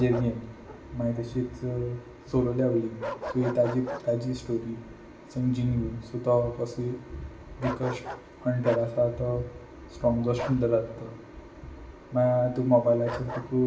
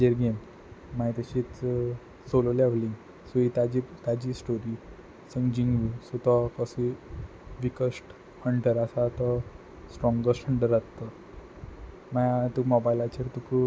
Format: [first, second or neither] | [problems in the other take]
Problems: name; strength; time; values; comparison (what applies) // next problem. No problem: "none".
second | background sound (Bark); 14 dB below the speech // room echo; dies away in 0.7 s